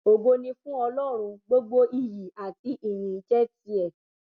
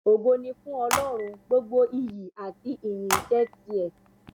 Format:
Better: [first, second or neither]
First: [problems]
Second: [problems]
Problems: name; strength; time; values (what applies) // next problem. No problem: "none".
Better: first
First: none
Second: background sound (Telephone); 8 dB below the speech